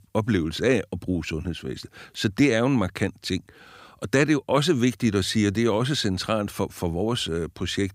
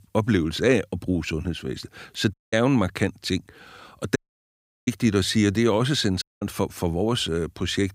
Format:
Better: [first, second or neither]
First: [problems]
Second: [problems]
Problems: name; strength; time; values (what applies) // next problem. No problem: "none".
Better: first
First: none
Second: audio cutting out; at 2.5 s, at 4 s for 0.5 s and at 6 s